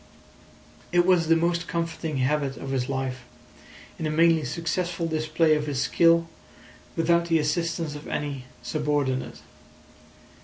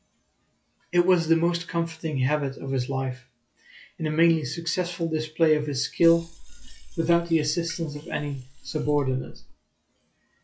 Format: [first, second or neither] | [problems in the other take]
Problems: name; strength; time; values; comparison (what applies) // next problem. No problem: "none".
first | noise reduction (classical method log-MMSE)